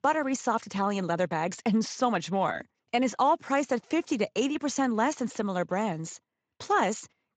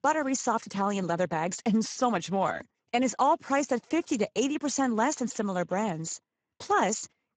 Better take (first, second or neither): first